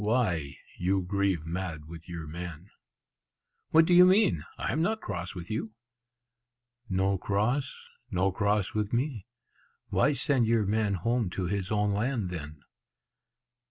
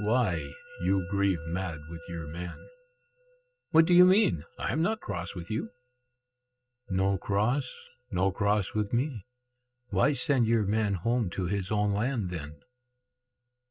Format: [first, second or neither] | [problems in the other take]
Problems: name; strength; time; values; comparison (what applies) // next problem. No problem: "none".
first | noise reduction (neural mask model RNNoise)